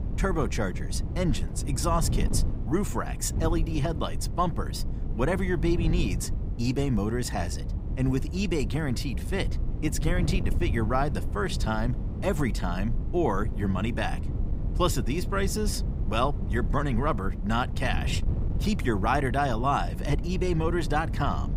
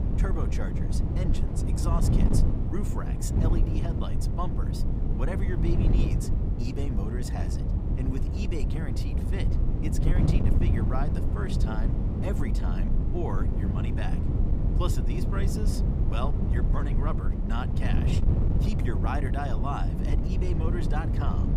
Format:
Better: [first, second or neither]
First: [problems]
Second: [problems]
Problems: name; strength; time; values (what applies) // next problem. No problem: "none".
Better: first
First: wind noise on the microphone; occasional gusts; 15 dB below the speech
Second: wind noise on the microphone; heavy; 1 dB below the speech